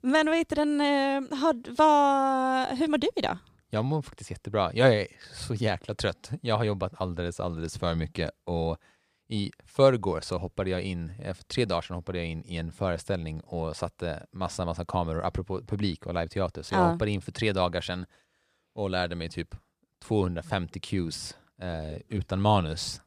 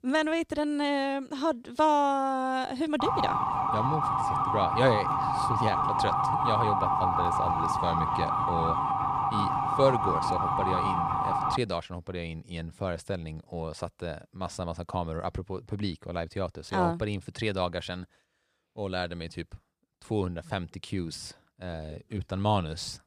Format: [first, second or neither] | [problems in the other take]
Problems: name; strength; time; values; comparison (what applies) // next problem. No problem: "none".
first | siren; loud; from 3 to 12 s; peak 6 dB above the speech